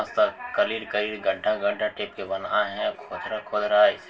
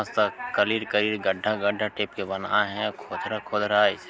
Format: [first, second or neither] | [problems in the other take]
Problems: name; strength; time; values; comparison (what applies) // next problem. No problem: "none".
second | room echo; dies away in 0.2 s